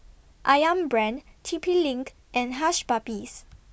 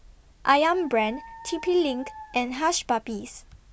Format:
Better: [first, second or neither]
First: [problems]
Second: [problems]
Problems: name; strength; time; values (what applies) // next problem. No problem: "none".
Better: first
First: none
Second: background sound (Dog); 18 dB below the speech